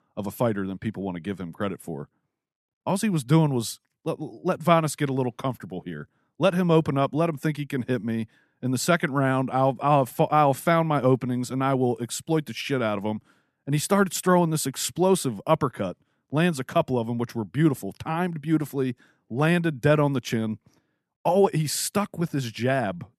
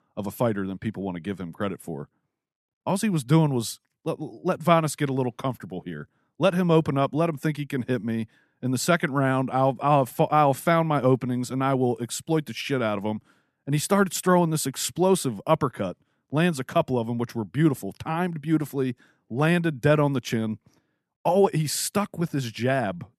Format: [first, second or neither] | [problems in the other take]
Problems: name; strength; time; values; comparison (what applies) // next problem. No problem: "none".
neither | none